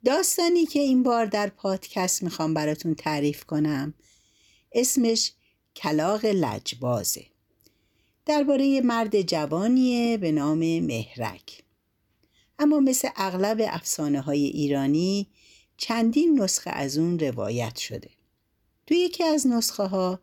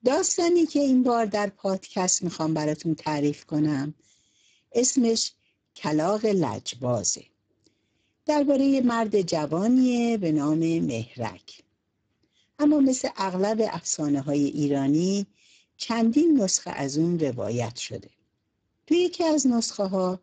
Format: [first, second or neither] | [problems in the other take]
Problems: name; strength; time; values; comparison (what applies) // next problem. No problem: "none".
first | garbled, watery; badly; nothing above 7.5 kHz